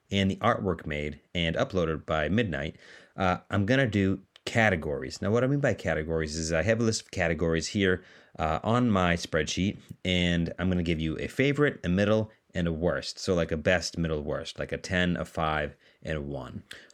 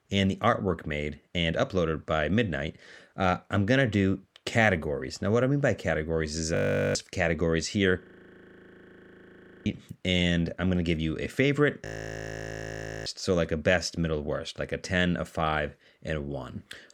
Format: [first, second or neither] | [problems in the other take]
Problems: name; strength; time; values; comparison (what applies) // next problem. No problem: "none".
first | audio freezing; at 6.5 s, at 8 s for 1.5 s and at 12 s for 1 s